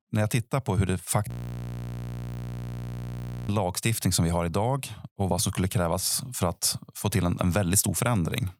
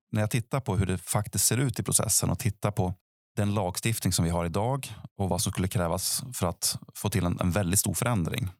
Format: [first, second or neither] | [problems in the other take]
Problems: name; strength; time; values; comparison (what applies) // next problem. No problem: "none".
second | audio freezing; at 1.5 s for 2 s